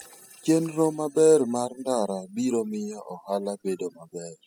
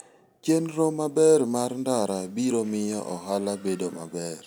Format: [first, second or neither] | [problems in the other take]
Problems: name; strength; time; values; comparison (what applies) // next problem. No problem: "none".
second | noise reduction (classical method spectral subtraction)